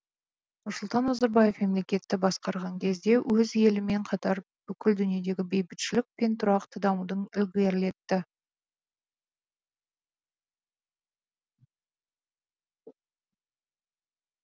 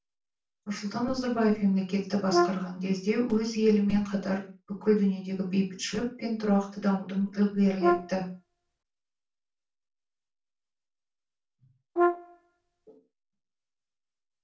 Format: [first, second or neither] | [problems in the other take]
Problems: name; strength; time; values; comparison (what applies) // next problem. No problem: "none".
first | background sound (Brass instrument); as loud as the speech // room echo; dies away in 0.3 s